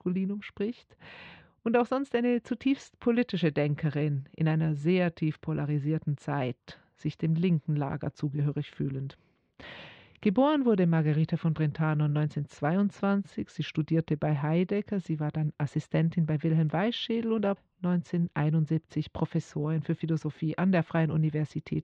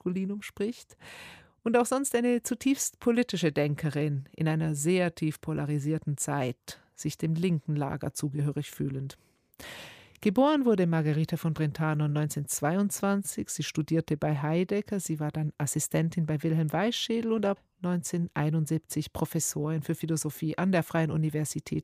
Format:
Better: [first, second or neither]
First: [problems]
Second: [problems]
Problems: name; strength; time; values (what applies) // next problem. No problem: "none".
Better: second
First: muffled; very; fading above 4 kHz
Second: none